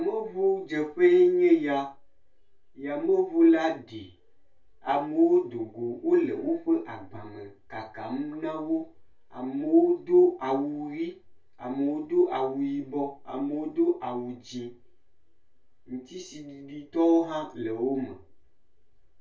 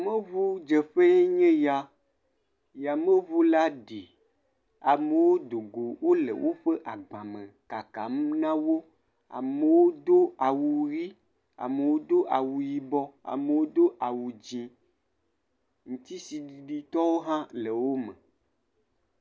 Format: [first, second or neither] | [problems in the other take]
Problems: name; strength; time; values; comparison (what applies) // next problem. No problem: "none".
second | room echo; dies away in 0.2 s